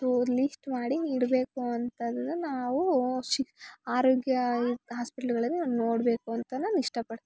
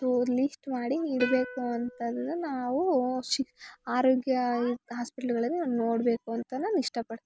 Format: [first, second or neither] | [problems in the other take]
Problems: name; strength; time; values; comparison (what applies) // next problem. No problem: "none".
first | background sound (Plucked string instrument); 14 dB below the speech